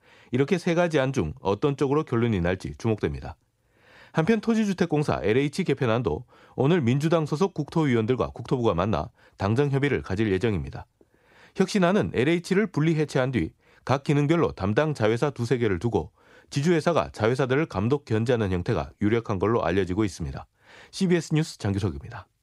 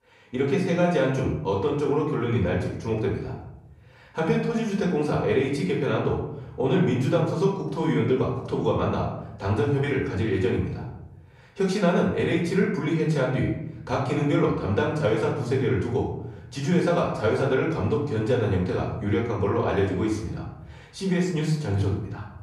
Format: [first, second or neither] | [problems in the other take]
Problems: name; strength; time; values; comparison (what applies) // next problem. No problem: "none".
first | off-mic speech; far // room echo; noticeable; dies away in 0.8 s